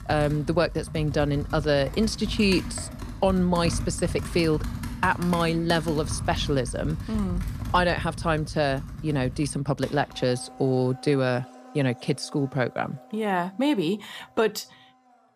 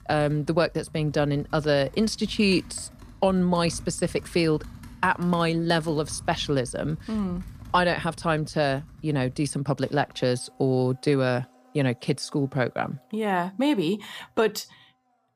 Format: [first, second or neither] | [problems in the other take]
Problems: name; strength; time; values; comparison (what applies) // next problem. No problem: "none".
second | household noises; loud; throughout; 10 dB below the speech; faint in the second